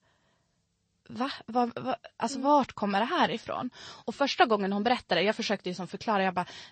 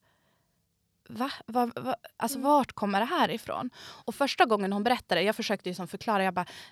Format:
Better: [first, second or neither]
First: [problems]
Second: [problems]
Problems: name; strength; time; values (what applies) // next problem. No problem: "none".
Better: second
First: garbled, watery; slightly; nothing above 8 kHz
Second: none